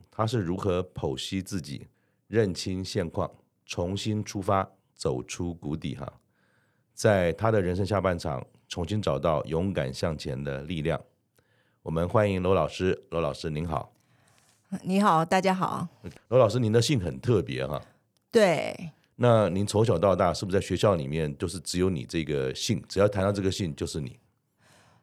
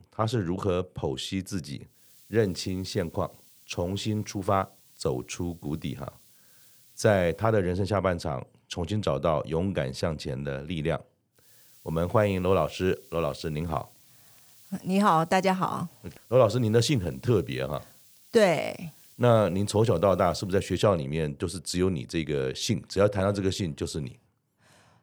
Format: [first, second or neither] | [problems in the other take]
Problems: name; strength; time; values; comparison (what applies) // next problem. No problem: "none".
first | hiss; faint; from 2 to 7.5 s and from 11 to 21 s; 25 dB below the speech